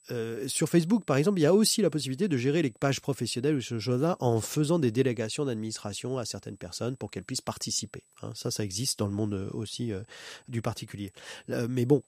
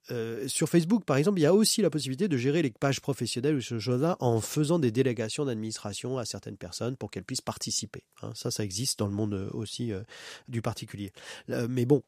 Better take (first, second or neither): second